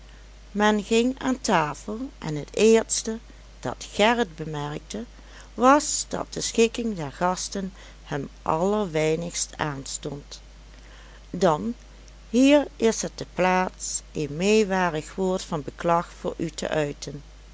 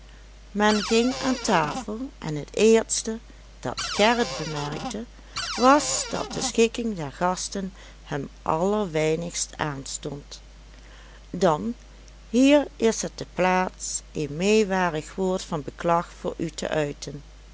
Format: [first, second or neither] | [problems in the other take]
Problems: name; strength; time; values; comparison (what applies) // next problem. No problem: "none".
first | background sound (Cupboard open or close); 8 dB below the speech